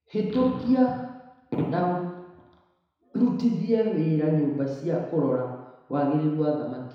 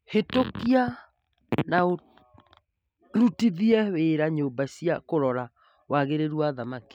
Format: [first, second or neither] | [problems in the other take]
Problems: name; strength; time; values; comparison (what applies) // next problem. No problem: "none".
second | room echo; dies away in 1 s